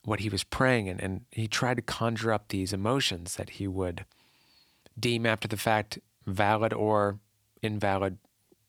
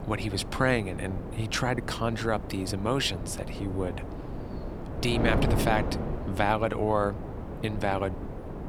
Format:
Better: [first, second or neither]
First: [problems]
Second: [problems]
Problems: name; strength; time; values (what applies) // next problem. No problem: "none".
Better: first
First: none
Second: wind noise on the microphone; heavy; 9 dB below the speech